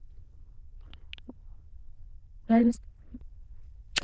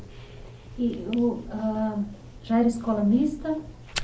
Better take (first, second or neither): second